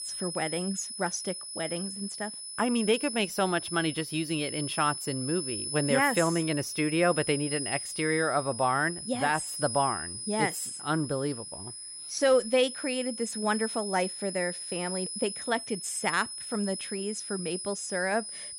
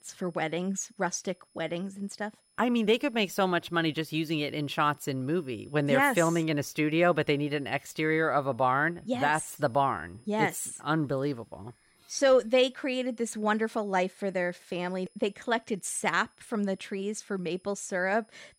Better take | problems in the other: second | high-pitched whine; loud; throughout; 10 kHz, 6 dB below the speech; faint in the second

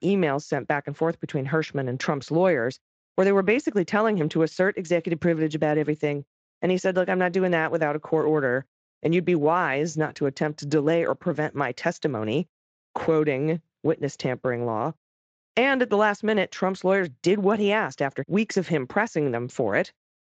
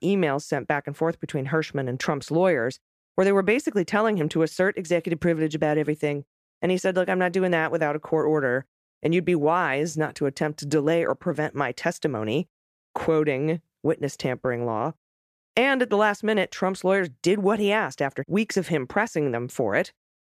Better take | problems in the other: second | garbled, watery; slightly; nothing above 7.5 kHz

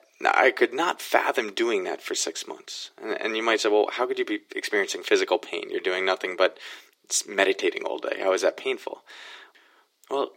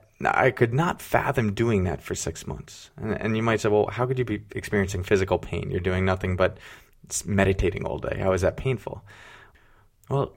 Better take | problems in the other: second | thin; very; fading below 300 Hz

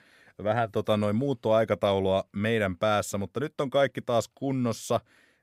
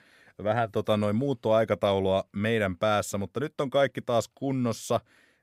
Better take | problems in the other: neither | none

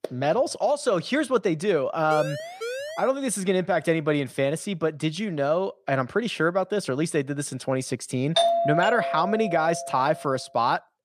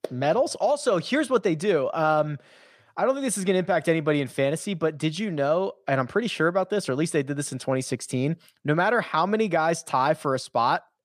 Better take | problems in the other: second | siren; noticeable; from 2 to 3 s; peak 7 dB below the speech // doorbell; loud; from 8.5 to 10 s; peak 4 dB above the speech

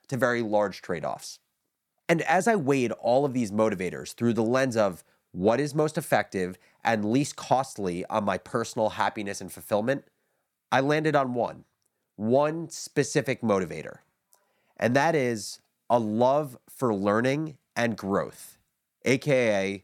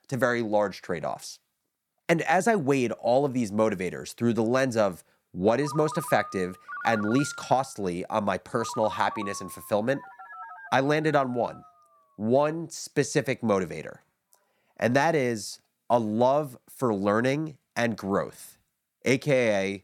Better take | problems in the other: first | phone ringing; noticeable; from 5.5 to 12 s; peak 9 dB below the speech

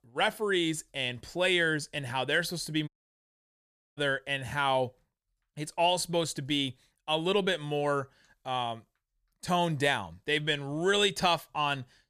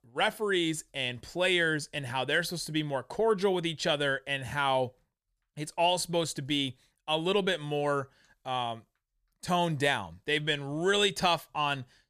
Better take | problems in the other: second | audio cutting out; at 3 s for 1 s

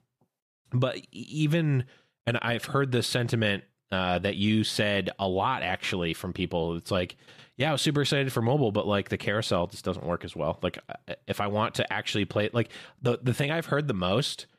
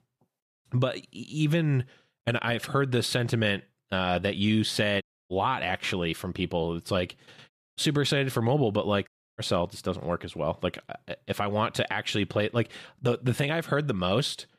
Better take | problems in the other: first | audio cutting out; at 5 s, at 7.5 s and at 9 s

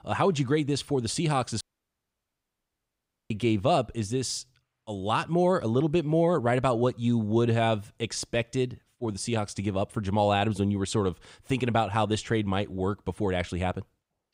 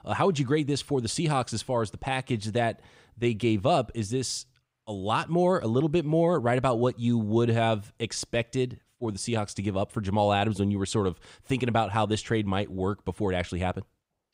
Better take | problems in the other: second | audio cutting out; at 1.5 s for 1.5 s

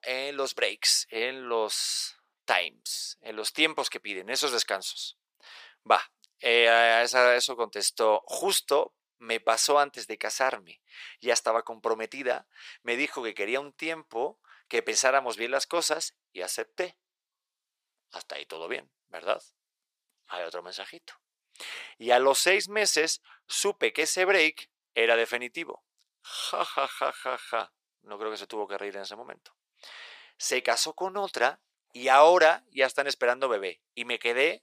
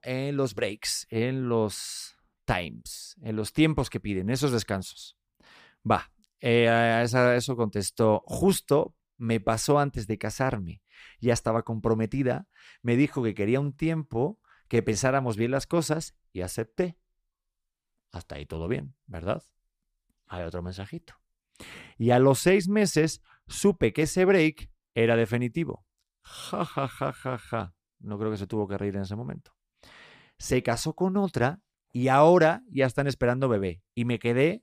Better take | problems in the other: second | thin; very; fading below 500 Hz

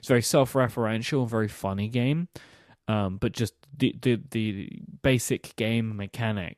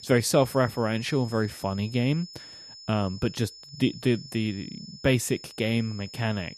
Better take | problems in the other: first | high-pitched whine; noticeable; throughout; 5 kHz, 15 dB below the speech

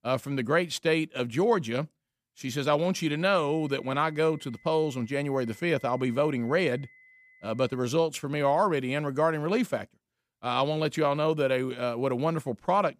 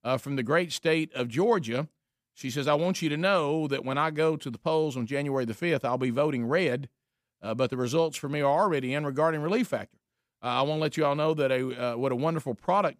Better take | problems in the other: second | high-pitched whine; faint; from 3 to 8 s; 2 kHz, 25 dB below the speech

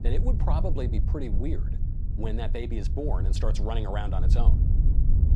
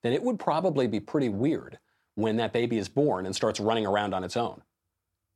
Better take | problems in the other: second | low rumble; loud; throughout; 8 dB below the speech

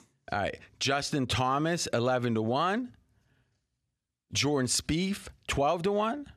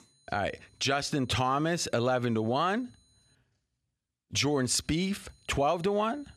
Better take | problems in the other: first | high-pitched whine; faint; until 3.5 s and from 4.5 s on; 4 kHz, 35 dB below the speech

